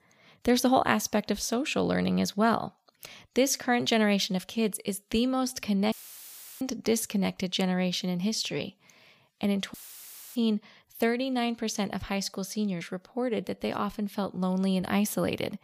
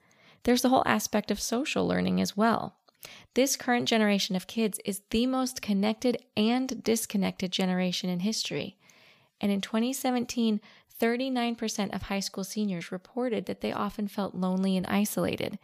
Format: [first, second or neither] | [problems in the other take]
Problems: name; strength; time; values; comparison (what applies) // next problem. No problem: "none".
second | audio cutting out; filled with static; at 6 s for 0.5 s and at 9.5 s for 0.5 s